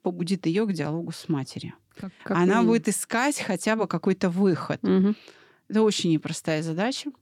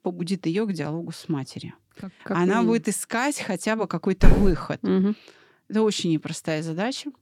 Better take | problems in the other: first | footsteps; loud; at 4 s; peak 3 dB above the speech

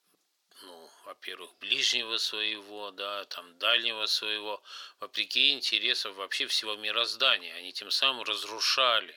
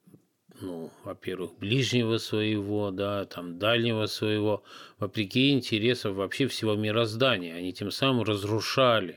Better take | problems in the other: second | thin; very; fading below 850 Hz

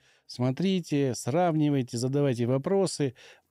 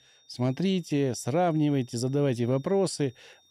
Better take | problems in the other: first | high-pitched whine; faint; throughout; 3.5 kHz, 30 dB below the speech

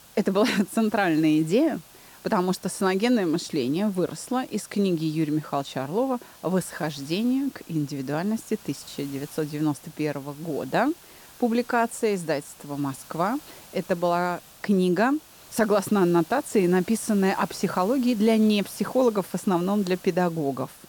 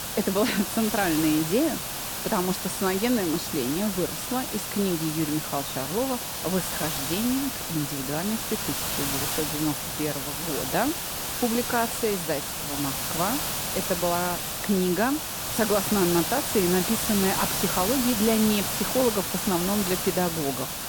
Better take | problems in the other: first | hiss; loud; throughout; 1 dB below the speech; faint in the first

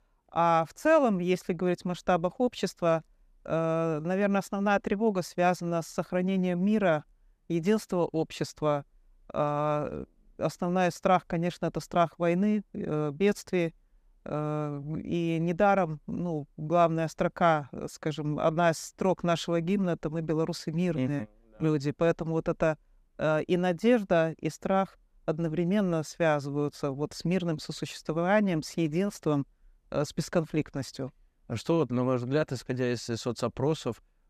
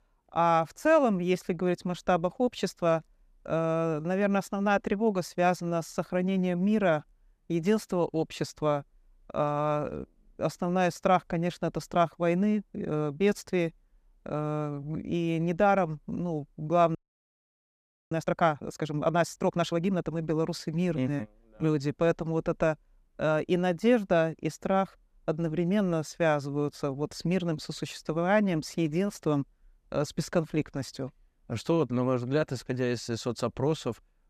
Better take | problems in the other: first | audio freezing; at 17 s for 1 s

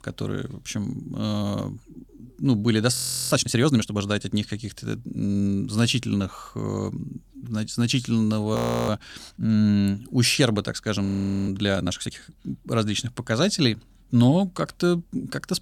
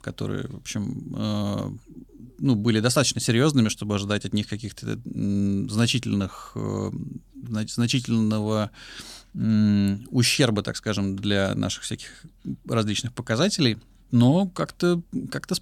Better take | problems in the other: second | audio freezing; at 3 s, at 8.5 s and at 11 s

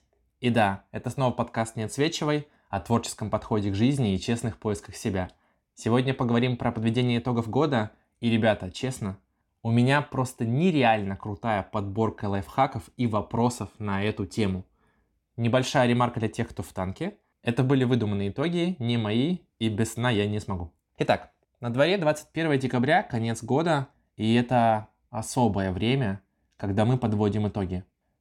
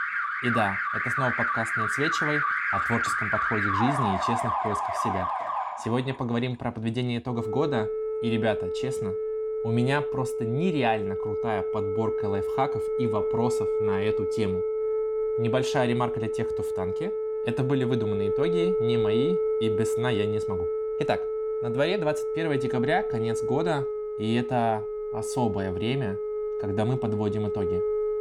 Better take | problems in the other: first | alarms or sirens; very loud; throughout; 2 dB above the speech

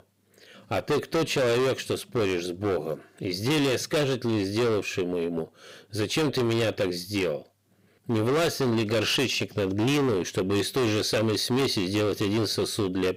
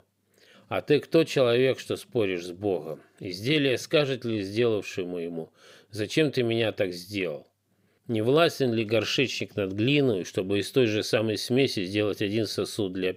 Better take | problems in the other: second | distortion; heavy; 19% of the sound clipped

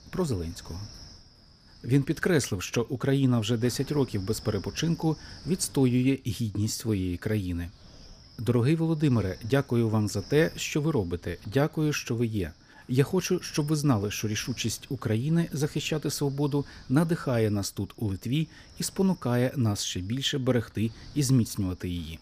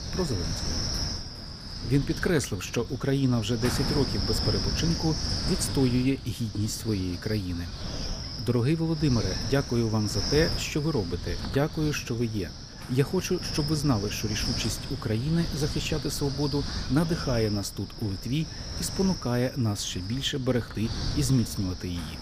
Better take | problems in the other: first | wind noise on the microphone; heavy; 3 dB below the speech; occasional gusts in the first

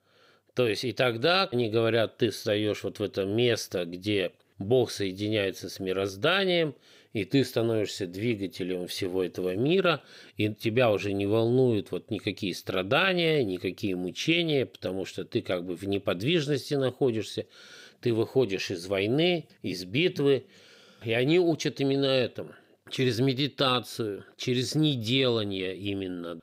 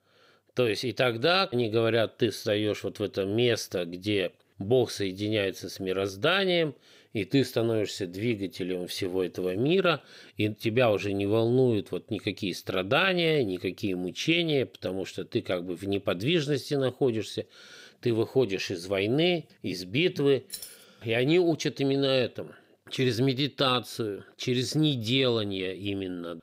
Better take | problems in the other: first | jangling keys; faint; at 21 s; peak 10 dB below the speech

